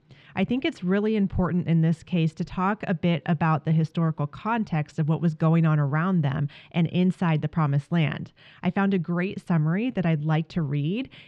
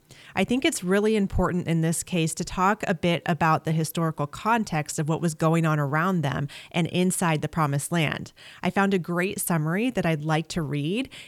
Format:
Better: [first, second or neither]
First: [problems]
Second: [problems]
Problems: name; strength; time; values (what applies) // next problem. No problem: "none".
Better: second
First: muffled; slightly; fading above 4 kHz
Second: none